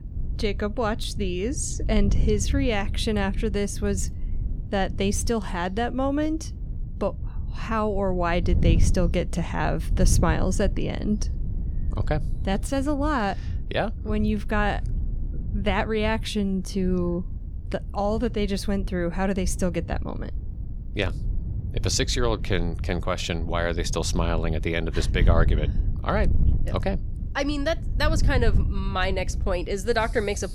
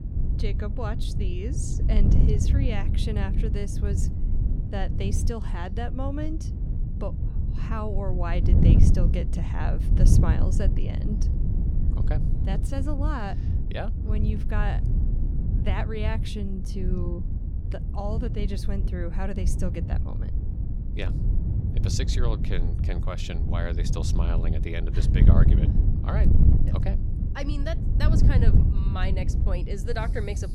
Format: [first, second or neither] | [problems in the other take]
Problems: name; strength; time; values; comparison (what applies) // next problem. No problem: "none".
first | wind noise on the microphone; heavy; 3 dB below the speech; occasional gusts in the first